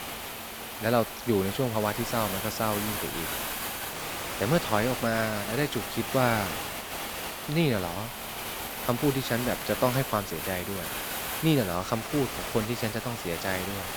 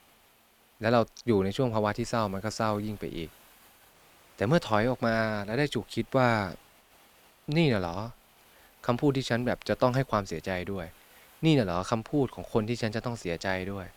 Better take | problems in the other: second | hiss; loud; throughout; 4 dB below the speech; faint in the second

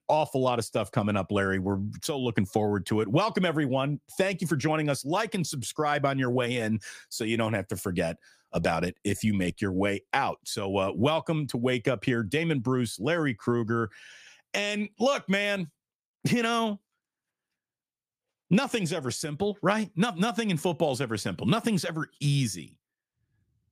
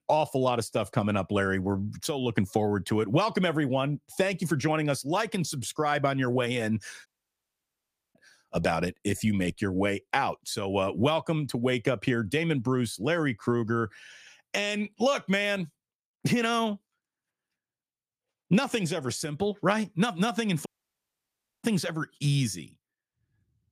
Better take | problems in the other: first | audio cutting out; at 7 s for 1 s and at 21 s for 1 s

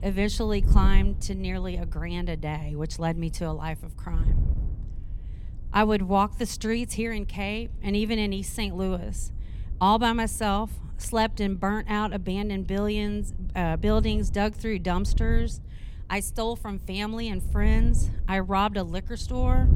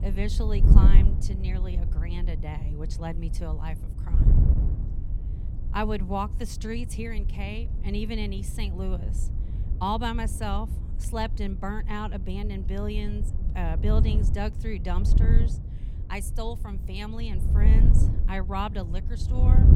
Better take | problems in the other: first | wind noise on the microphone; heavy; 8 dB below the speech; occasional gusts in the first

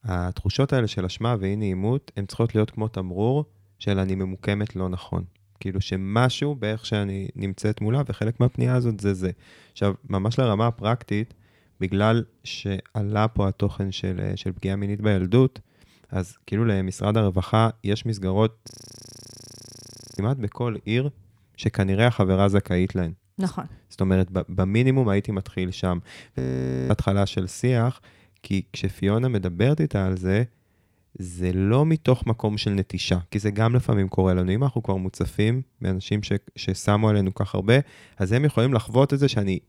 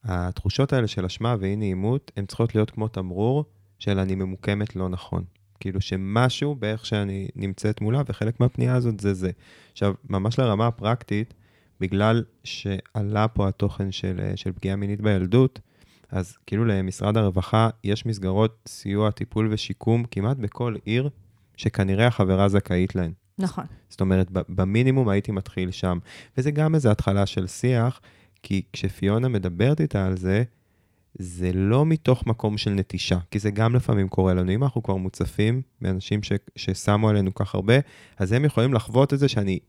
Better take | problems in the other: second | audio freezing; at 19 s for 1.5 s and at 26 s for 0.5 s

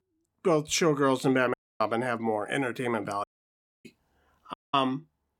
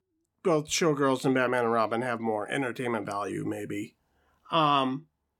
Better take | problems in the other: second | audio cutting out; at 1.5 s, at 3 s for 0.5 s and at 4.5 s

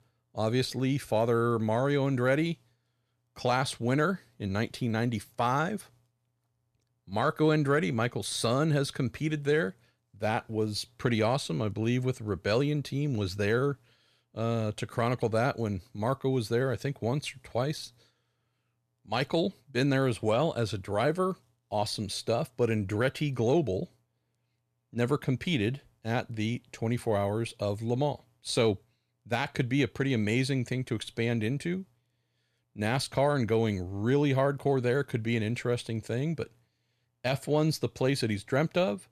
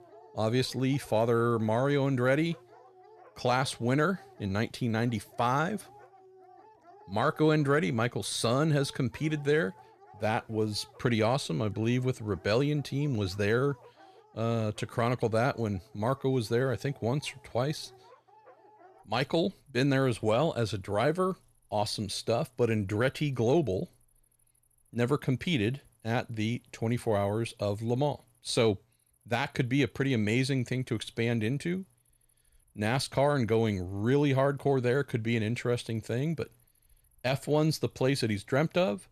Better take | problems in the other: first | animal sounds; faint; throughout; 30 dB below the speech

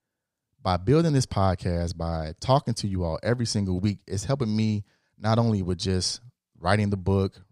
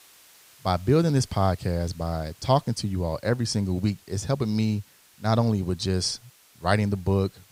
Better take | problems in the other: first | hiss; faint; throughout; 25 dB below the speech

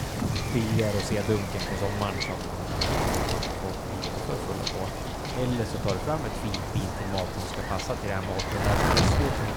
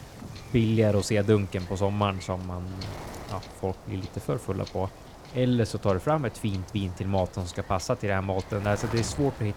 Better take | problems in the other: second | wind noise on the microphone; heavy; 4 dB above the speech; occasional gusts in the second

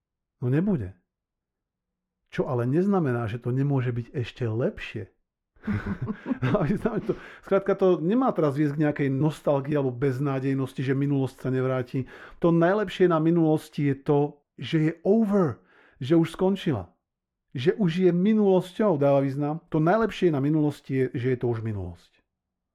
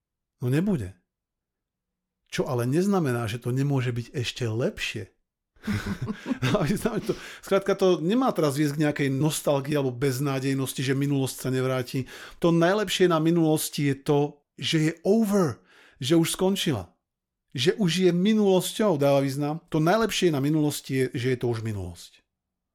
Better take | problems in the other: second | muffled; very; fading above 3 kHz

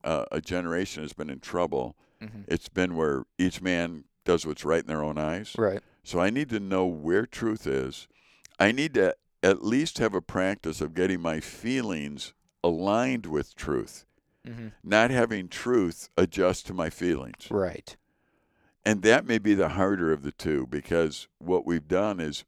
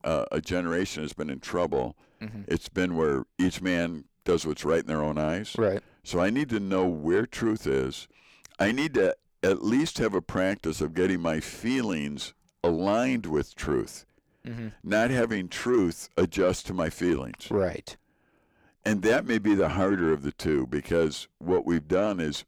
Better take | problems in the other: first | distortion; slight; 10 dB below the speech

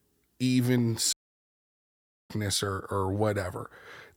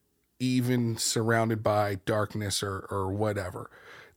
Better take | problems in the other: second | audio cutting out; at 1 s for 1 s

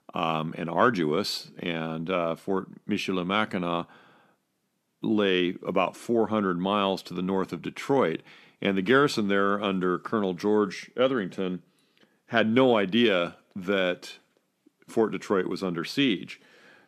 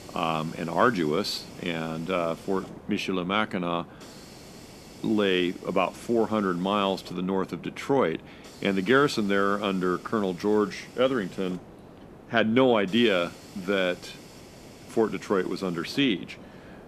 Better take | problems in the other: first | hiss; noticeable; throughout; 20 dB below the speech

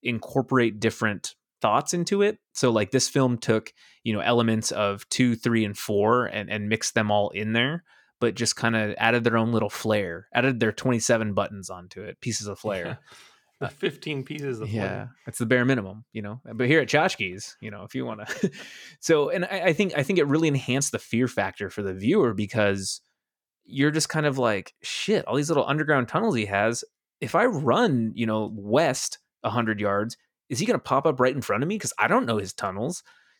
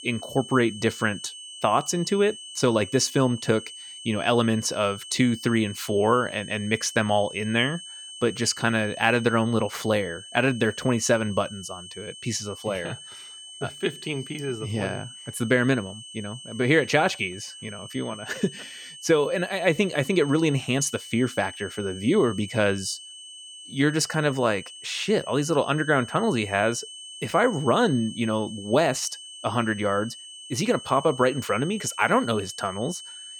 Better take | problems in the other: first | high-pitched whine; noticeable; throughout; 3 kHz, 15 dB below the speech

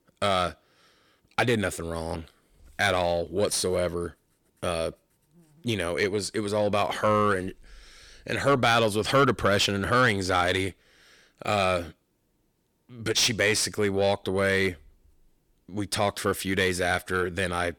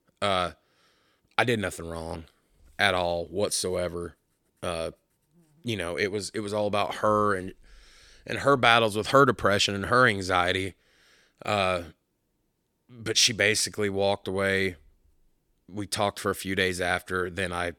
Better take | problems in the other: second | distortion; slight; 10 dB below the speech

